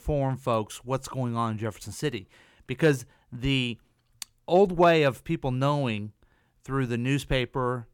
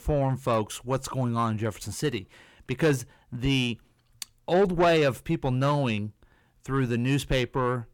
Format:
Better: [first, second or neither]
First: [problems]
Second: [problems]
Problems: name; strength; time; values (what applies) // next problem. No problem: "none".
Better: first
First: none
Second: distortion; slight; 10 dB below the speech